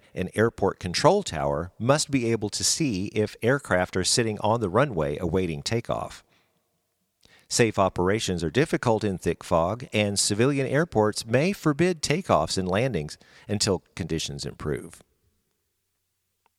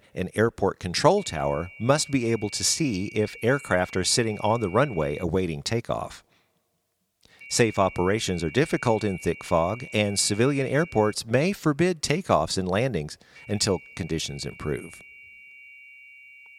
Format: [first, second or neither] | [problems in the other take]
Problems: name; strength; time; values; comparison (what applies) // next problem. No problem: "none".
first | high-pitched whine; noticeable; from 1 to 5 s, from 7.5 to 11 s and from 13 s on; 2.5 kHz, 20 dB below the speech